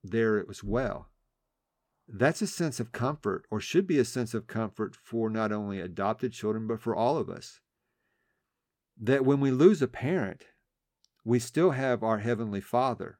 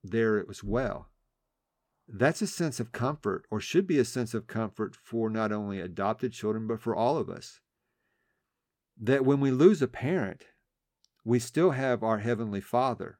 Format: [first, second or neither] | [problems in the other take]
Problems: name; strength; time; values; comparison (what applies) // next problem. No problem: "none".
neither | none